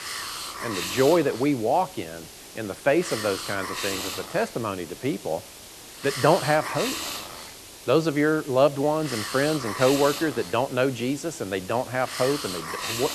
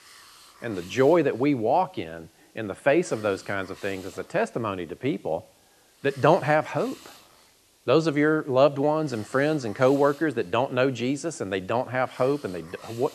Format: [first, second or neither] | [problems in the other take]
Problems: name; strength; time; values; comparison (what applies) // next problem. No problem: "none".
second | hiss; loud; throughout; 8 dB below the speech; faint in the second